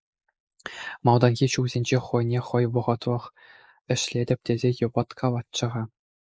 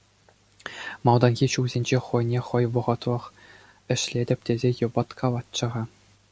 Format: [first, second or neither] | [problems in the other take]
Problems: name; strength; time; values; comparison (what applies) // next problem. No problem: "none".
second | noise reduction (neural mask model Resemble Enhance denoiser)